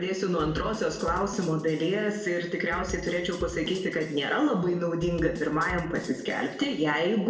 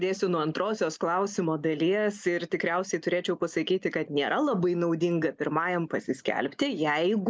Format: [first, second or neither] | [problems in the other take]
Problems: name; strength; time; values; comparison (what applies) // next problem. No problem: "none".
second | background sound (Bass drum / Snare drum); 15 dB below the speech // room echo; dies away in 0.8 s